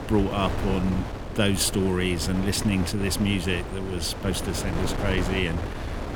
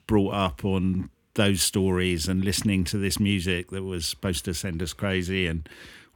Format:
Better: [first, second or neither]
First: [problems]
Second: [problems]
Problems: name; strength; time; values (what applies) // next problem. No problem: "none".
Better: second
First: wind noise on the microphone; heavy; 6 dB below the speech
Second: none